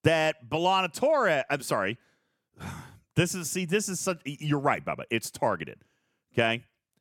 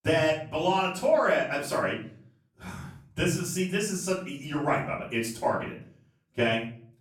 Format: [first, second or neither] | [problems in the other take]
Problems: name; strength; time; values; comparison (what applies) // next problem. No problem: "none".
first | off-mic speech; far // room echo; slight; dies away in 0.4 s